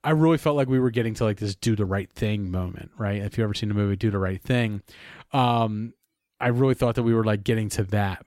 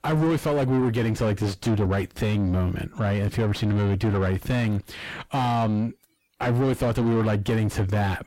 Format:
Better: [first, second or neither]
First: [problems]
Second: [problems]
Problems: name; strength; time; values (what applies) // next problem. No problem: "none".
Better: first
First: none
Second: distortion; heavy; 6 dB below the speech